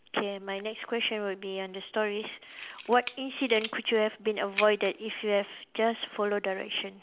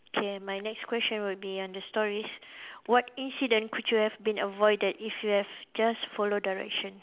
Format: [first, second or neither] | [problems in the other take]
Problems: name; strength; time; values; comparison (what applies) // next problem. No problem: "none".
second | background sound (Camera); 12 dB below the speech